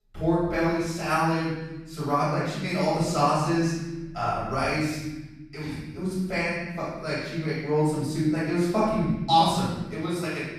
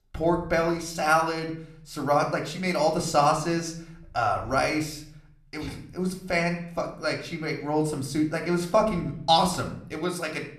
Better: second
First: room echo; strong; dies away in 1.3 s // off-mic speech; far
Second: room echo; slight; dies away in 0.5 s // off-mic speech; somewhat distant

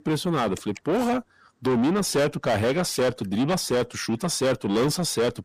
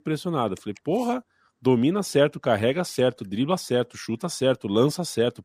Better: second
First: distortion; heavy; 6 dB below the speech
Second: none

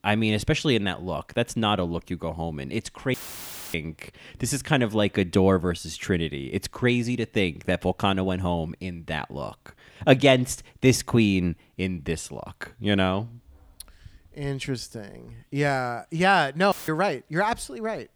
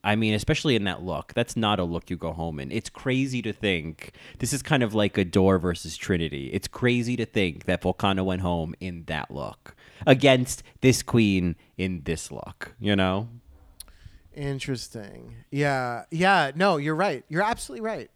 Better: second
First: audio cutting out; filled with static; at 3 s for 0.5 s and at 17 s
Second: none

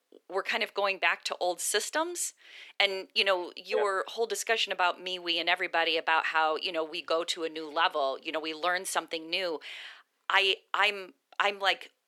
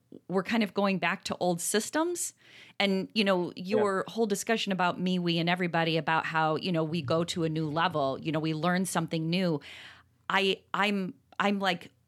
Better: second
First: thin; very; fading below 400 Hz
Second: none

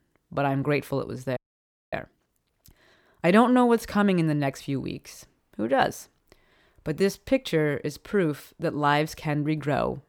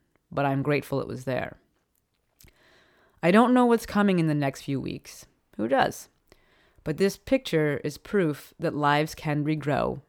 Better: second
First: audio freezing; at 1.5 s for 0.5 s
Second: none

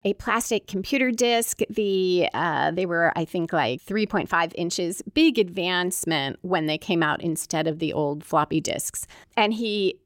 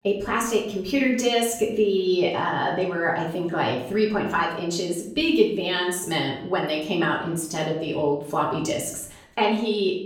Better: first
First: none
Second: off-mic speech; far // room echo; slight; dies away in 0.5 s

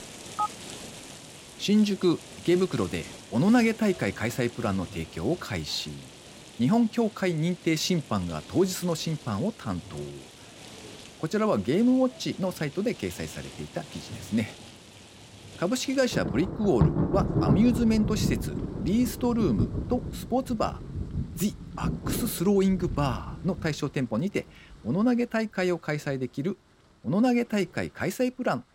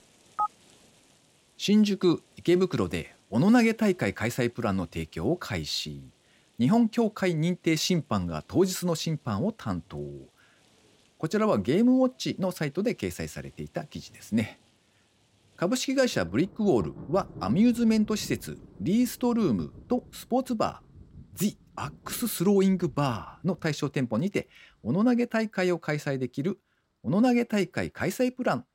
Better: second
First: rain or running water; loud; throughout; 8 dB below the speech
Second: rain or running water; faint; throughout; 25 dB below the speech

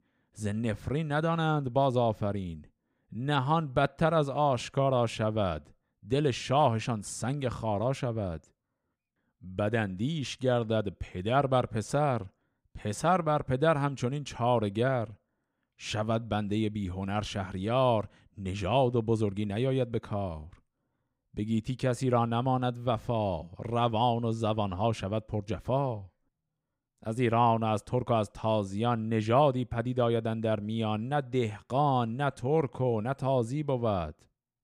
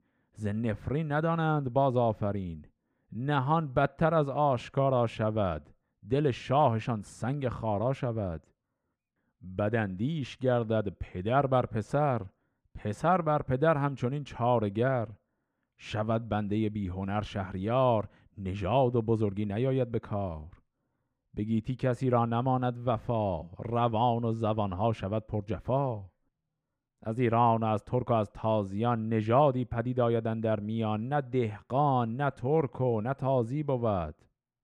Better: first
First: none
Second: muffled; slightly; fading above 3 kHz

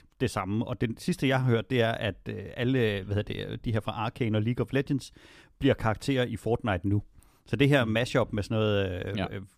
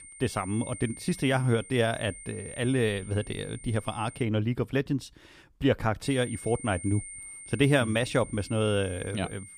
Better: first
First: none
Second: high-pitched whine; noticeable; until 4 s and from 6 s on; 9 kHz, 15 dB below the speech

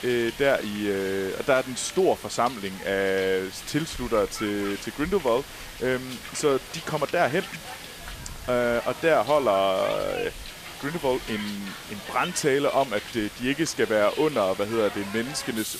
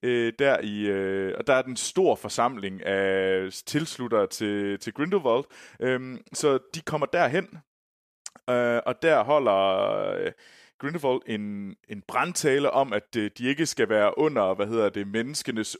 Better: second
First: hiss; noticeable; throughout; 10 dB below the speech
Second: none

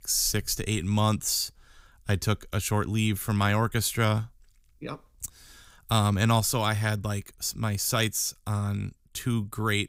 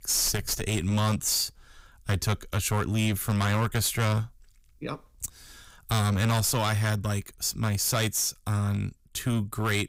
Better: first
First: none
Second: distortion; slight; 9% of the sound clipped

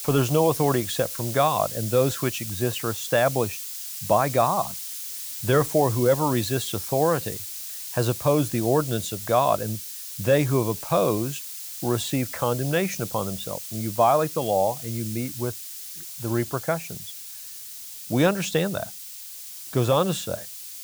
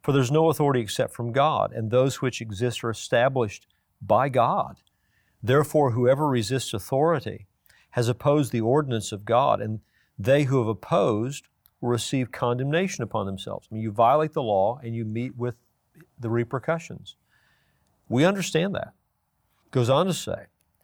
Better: second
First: hiss; loud; throughout; 8 dB below the speech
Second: none

